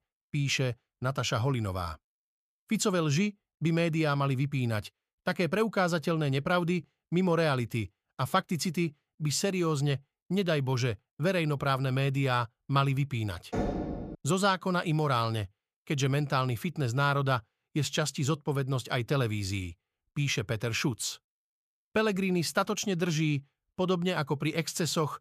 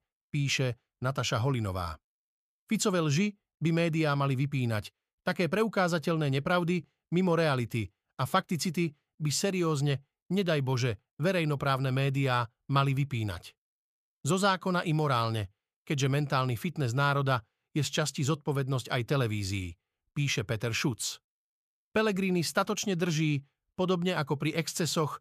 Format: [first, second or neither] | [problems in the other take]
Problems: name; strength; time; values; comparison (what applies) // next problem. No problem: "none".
second | door banging; noticeable; at 14 s; peak 3 dB below the speech